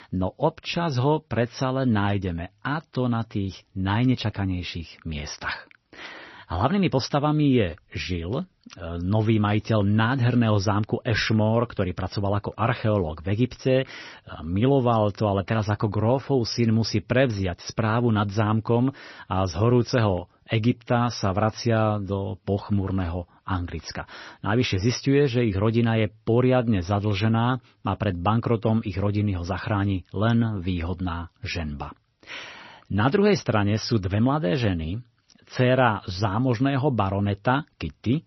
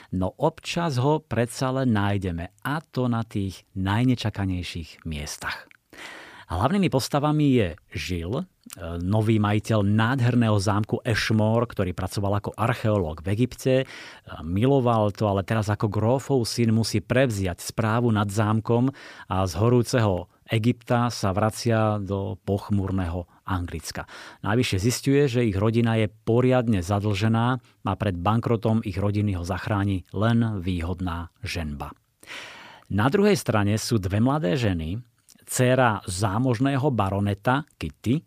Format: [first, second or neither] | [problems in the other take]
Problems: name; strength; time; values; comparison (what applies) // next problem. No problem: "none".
second | garbled, watery; slightly; nothing above 6 kHz